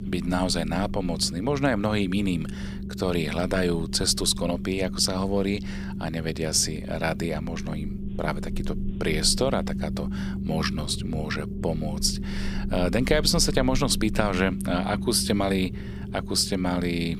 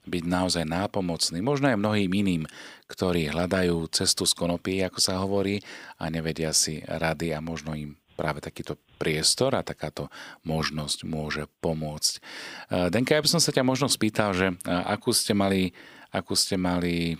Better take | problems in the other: second | low rumble; noticeable; throughout; 15 dB below the speech

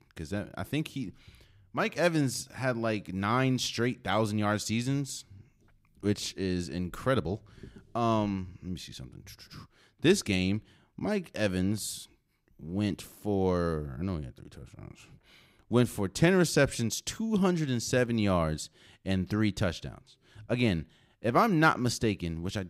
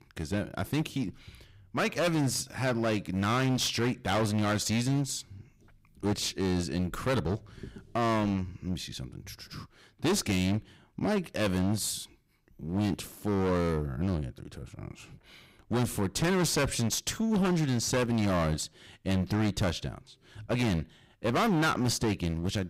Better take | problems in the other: first | distortion; heavy; 16% of the sound clipped

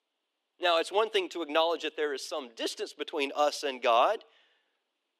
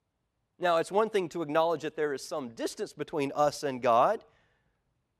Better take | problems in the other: second | thin; very slightly; fading below 300 Hz

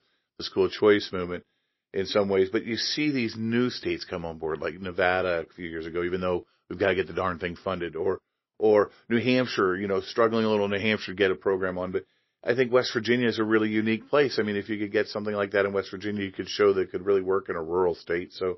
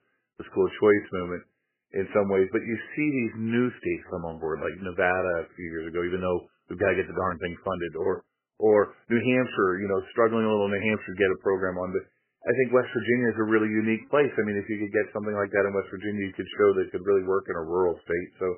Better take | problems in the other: first | garbled, watery; badly; nothing above 3 kHz; slightly in the first

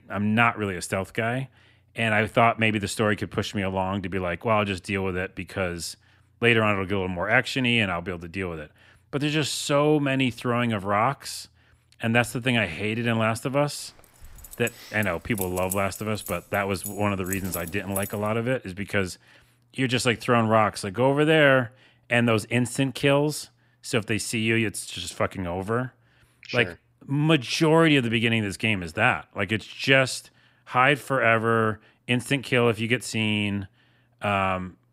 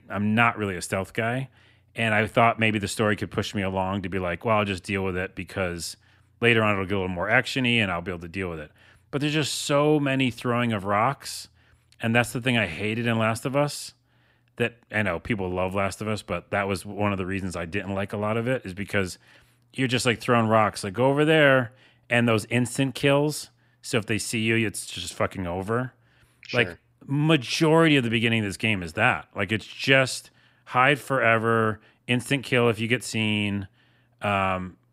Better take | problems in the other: second | jangling keys; noticeable; from 14 to 18 s; peak 8 dB below the speech

